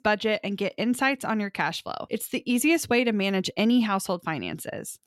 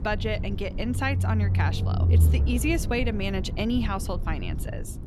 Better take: first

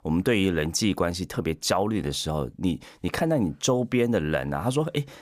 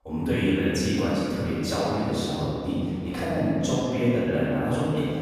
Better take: first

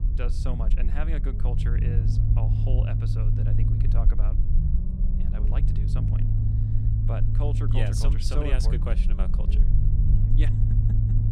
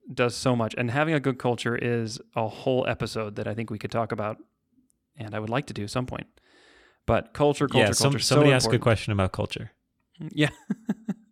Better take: second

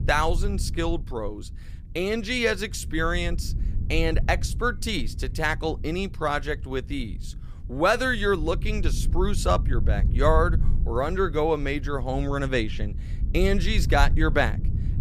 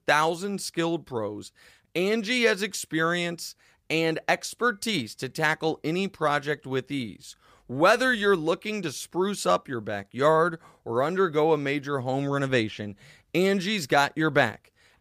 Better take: second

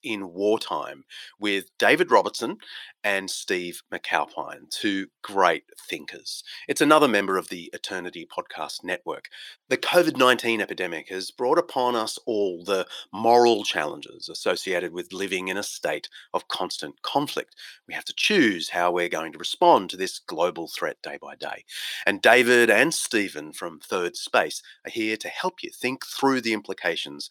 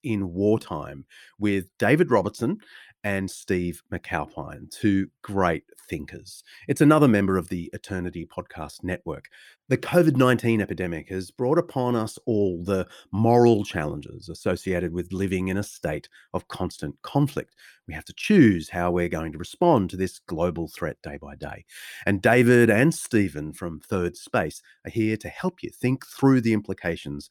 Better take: second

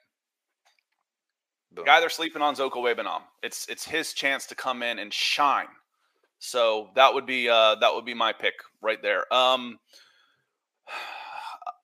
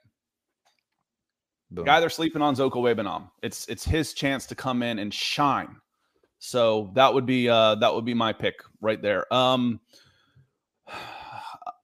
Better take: second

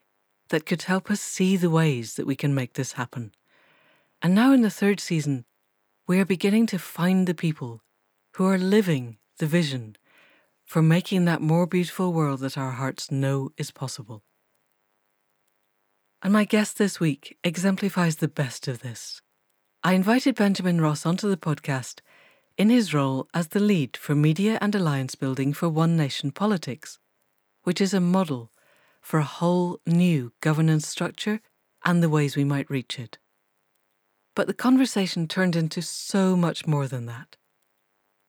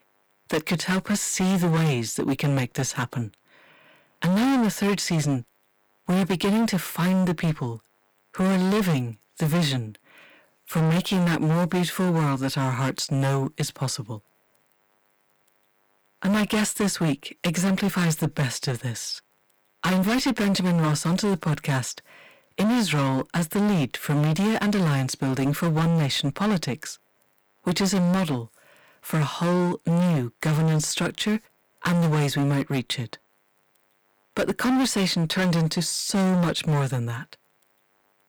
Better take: first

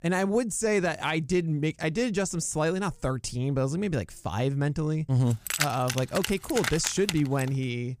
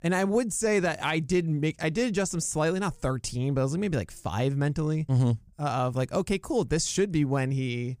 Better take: second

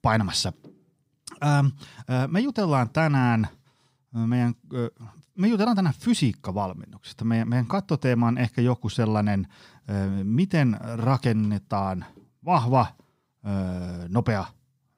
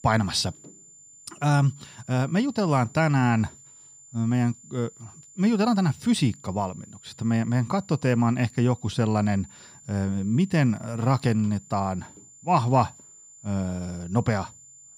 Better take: first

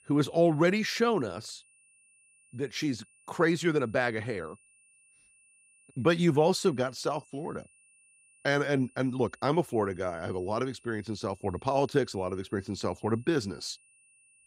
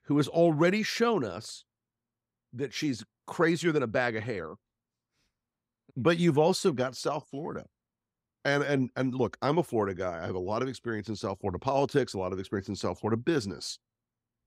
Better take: second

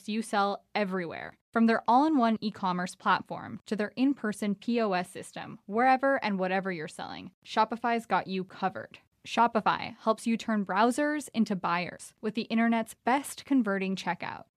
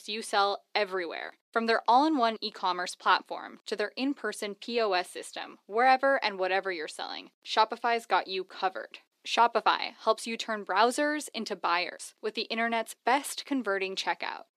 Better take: first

